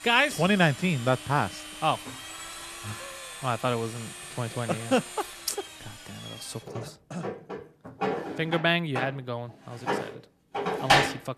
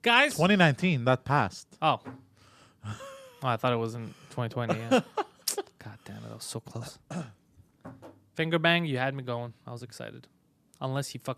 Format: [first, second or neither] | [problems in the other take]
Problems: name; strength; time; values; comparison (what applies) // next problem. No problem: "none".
second | household noises; loud; throughout; 5 dB below the speech